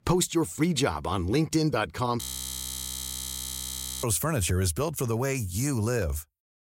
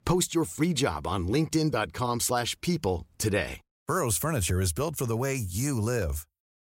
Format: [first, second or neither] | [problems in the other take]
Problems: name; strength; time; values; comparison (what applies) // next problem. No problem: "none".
second | audio freezing; at 2 s for 2 s